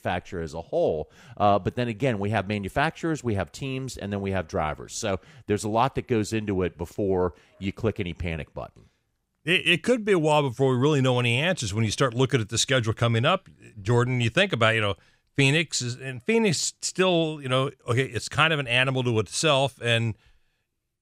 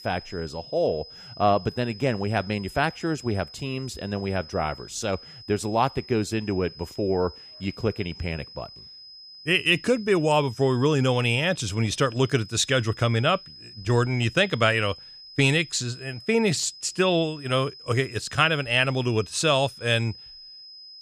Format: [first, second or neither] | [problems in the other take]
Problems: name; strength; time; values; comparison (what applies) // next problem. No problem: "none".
first | high-pitched whine; noticeable; throughout; 5 kHz, 15 dB below the speech